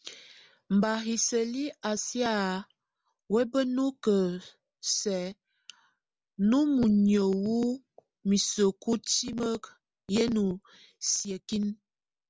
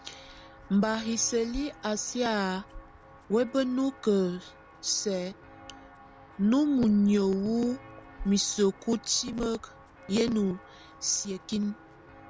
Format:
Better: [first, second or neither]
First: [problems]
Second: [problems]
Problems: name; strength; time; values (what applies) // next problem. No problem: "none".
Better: first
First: none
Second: background sound (Walk, footsteps); 19 dB below the speech